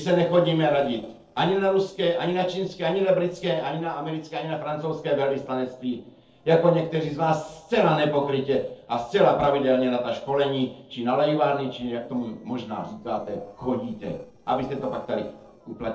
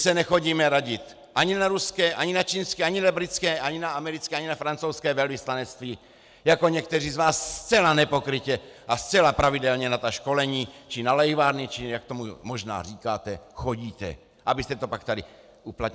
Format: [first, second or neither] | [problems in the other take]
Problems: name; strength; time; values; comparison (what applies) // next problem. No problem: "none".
second | noise reduction (neural separator model SepFormer DNS4)